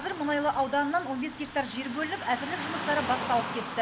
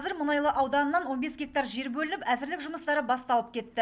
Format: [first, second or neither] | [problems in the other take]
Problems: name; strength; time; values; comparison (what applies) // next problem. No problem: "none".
second | background sound (Car passing by / Traffic noise, roadway noise); 7 dB below the speech